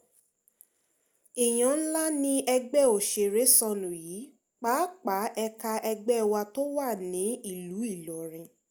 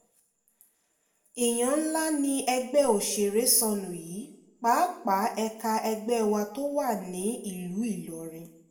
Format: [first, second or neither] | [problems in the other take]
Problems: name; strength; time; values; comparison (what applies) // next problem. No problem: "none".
first | room echo; dies away in 0.6 s